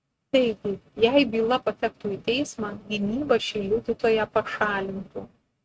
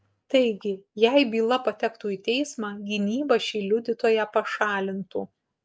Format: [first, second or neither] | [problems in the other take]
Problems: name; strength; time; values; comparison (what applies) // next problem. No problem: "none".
second | noise reduction (neural mask model RNNoise)